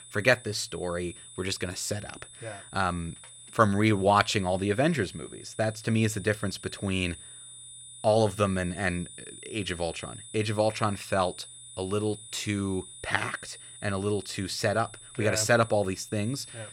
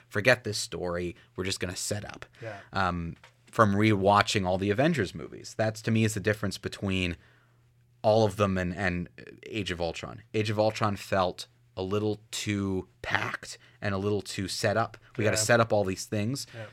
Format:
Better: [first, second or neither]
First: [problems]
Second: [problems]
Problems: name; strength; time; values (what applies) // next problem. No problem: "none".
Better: second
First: high-pitched whine; noticeable; throughout; 9.5 kHz, 15 dB below the speech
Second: none